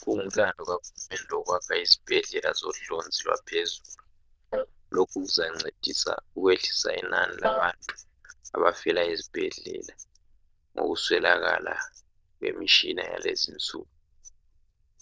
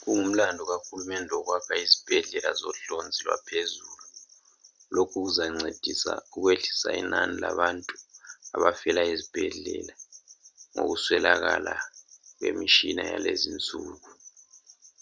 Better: second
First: noise reduction (neural diffusion model UNIVERSE++)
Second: none

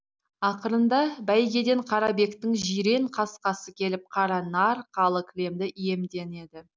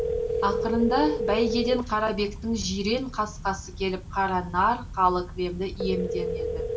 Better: first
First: none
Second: background sound (Telephone); 4 dB below the speech // room echo; dies away in 0.2 s

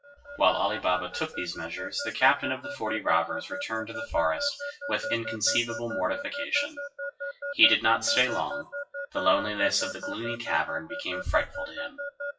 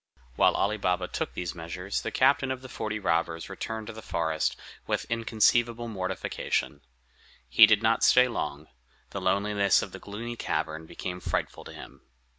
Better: second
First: noise reduction (classical method WPE with log-MMSE)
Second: none

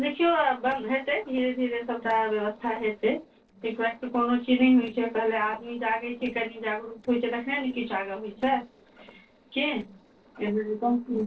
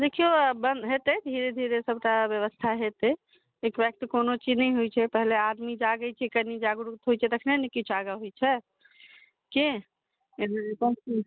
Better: second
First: noise reduction (neural separator model SepFormer DNS4)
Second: none

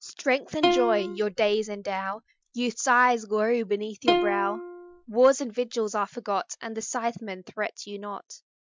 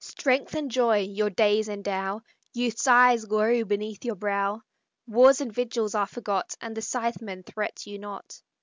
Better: second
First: noise reduction (classical method Wiener filter)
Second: none

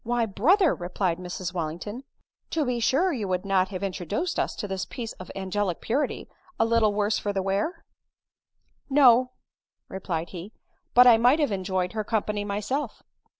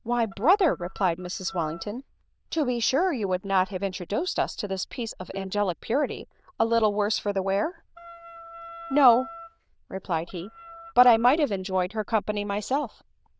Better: first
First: none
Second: noise reduction (neural diffusion model UNIVERSE++)

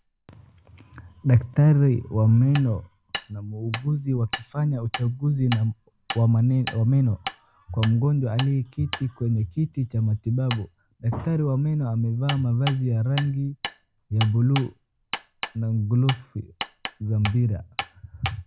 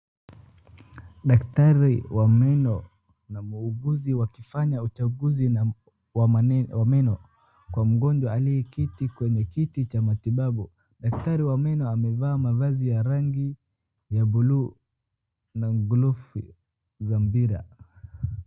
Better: second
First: background sound (Hammer); 15 dB below the speech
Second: none

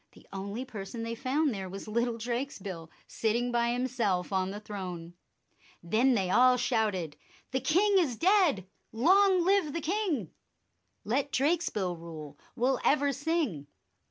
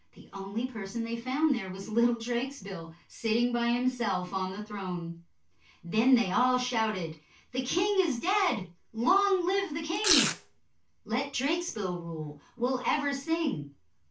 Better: first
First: none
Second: background sound (Domestic sounds, home sounds); as loud as the speech // room echo; dies away in 0.2 s

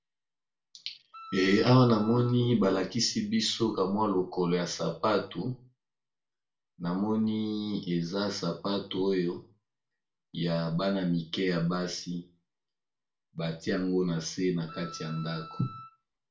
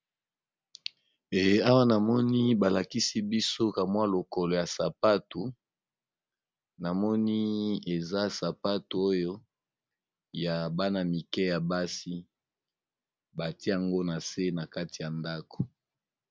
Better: second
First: background sound (Wind instrument, woodwind instrument); 17 dB below the speech // room echo; dies away in 0.3 s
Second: none

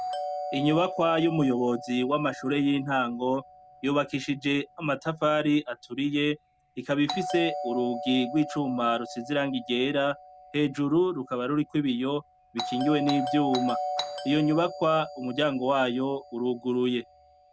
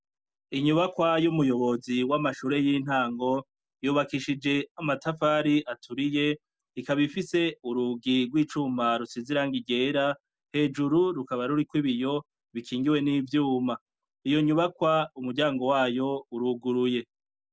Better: second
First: background sound (Doorbell); 10 dB below the speech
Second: none

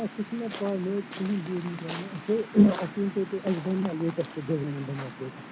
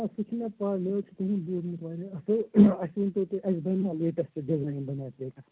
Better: second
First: background sound (Waves, surf); 13 dB below the speech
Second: none

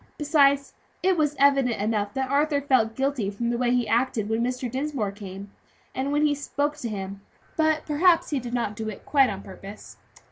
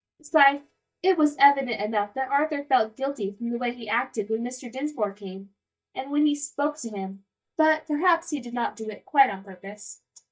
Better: first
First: none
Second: noise reduction (neural mask model DeepFilterNet 3)

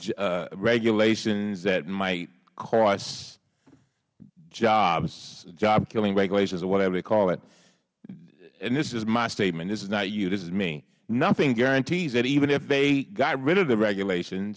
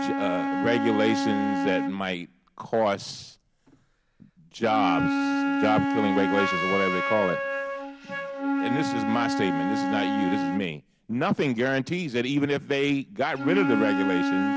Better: first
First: none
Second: background sound (Wind instrument, woodwind instrument); as loud as the speech

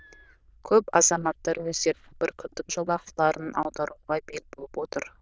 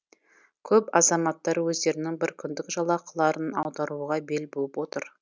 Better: second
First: noise reduction (neural diffusion model UNIVERSE++)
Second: none

